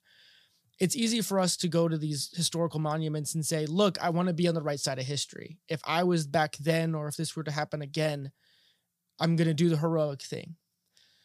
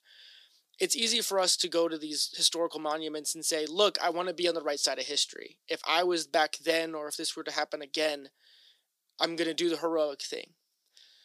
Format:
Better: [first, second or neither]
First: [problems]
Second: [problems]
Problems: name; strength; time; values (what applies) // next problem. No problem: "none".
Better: first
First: none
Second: thin; very; fading below 300 Hz